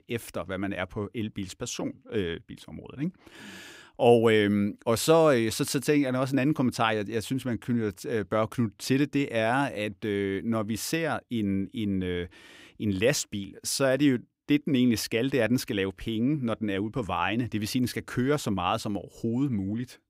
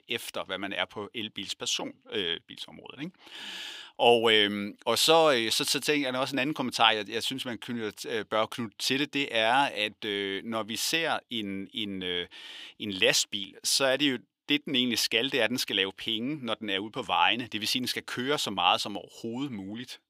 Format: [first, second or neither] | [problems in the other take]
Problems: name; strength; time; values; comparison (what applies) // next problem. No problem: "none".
first | thin; somewhat; fading below 1 kHz